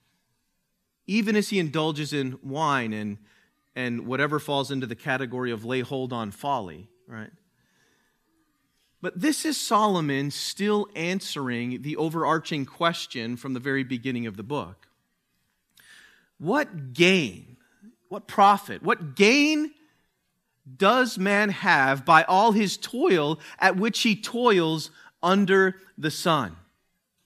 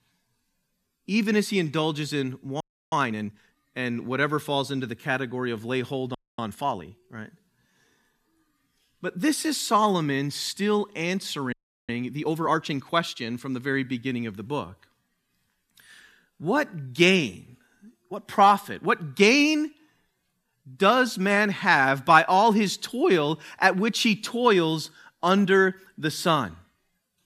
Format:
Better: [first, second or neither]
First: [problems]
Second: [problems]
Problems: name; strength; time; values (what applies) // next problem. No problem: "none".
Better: first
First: none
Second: audio freezing; at 2.5 s, at 6 s and at 12 s